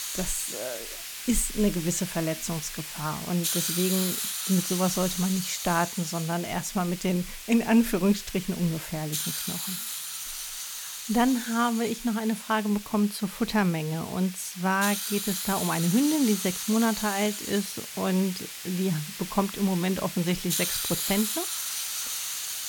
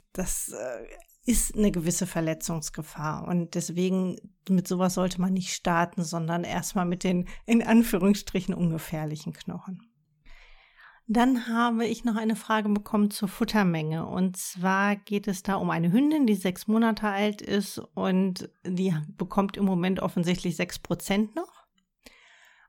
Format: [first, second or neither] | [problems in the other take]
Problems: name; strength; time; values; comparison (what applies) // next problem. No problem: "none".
second | hiss; loud; throughout; 4 dB below the speech